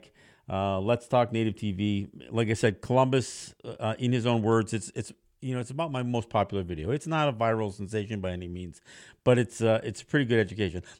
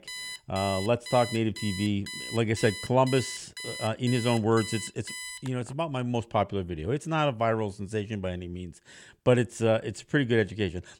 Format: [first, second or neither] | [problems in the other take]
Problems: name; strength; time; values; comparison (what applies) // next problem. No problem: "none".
first | alarm; noticeable; until 5.5 s; peak 8 dB below the speech